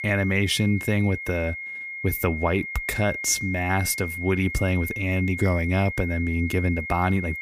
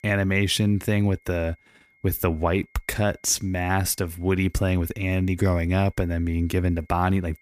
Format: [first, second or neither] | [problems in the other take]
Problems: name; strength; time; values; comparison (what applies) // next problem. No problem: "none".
second | high-pitched whine; loud; throughout; 2 kHz, 7 dB below the speech; faint in the second